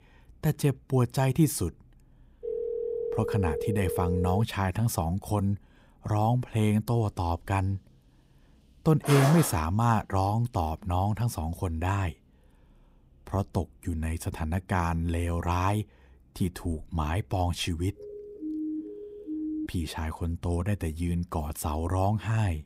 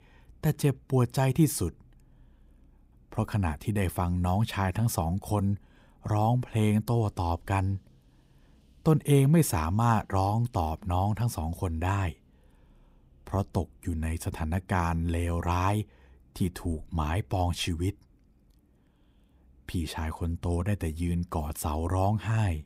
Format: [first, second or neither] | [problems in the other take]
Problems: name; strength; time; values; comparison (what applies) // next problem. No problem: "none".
second | phone ringing; noticeable; from 2.5 to 4.5 s; peak 3 dB below the speech // footsteps; noticeable; at 9 s; peak level with the speech // siren; noticeable; from 18 to 20 s; peak 5 dB below the speech